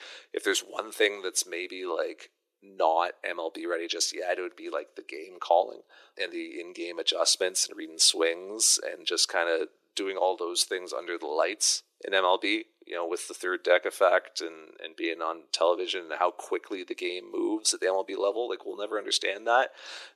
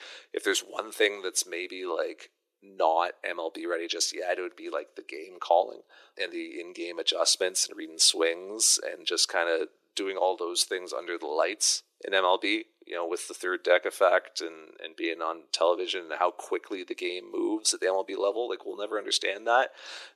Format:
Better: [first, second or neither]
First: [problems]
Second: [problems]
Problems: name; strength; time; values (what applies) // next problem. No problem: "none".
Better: neither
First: thin; very; fading below 300 Hz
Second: thin; very; fading below 300 Hz